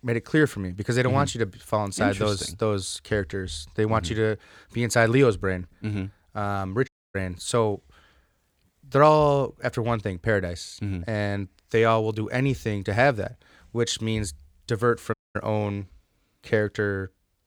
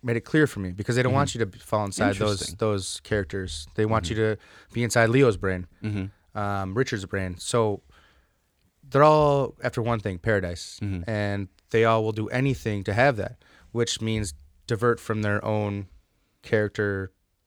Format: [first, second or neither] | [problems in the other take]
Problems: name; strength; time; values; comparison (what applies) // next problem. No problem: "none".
second | audio cutting out; at 7 s and at 15 s